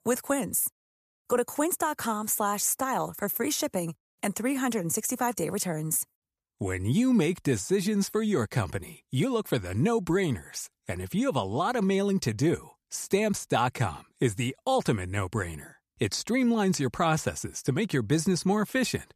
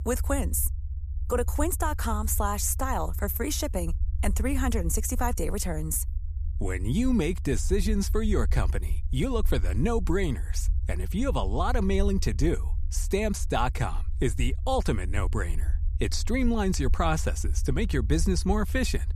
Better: first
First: none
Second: low rumble; faint; throughout; 20 dB below the speech

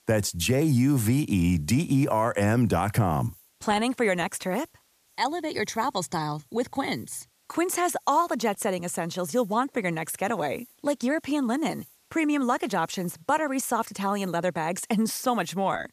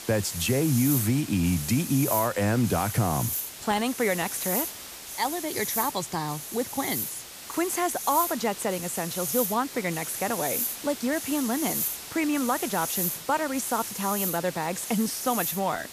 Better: first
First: hiss; faint; throughout; 30 dB below the speech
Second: hiss; loud; throughout; 3 dB below the speech

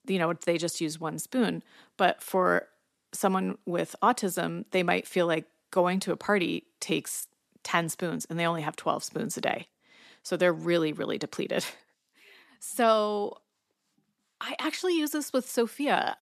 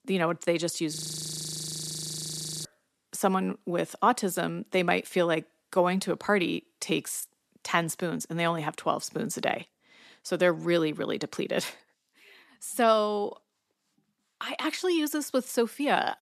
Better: first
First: none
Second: audio freezing; at 1 s for 1.5 s

